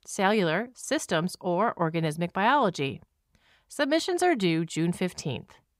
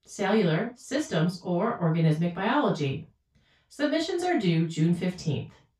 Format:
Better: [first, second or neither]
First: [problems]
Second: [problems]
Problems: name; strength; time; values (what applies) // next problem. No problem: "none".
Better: first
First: none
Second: room echo; noticeable; dies away in 0.2 s // off-mic speech; far